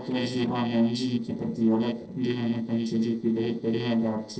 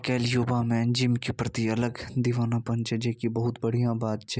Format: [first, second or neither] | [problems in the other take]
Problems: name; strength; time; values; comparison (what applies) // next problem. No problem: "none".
second | noise reduction (neural separator model SepFormer DNS4)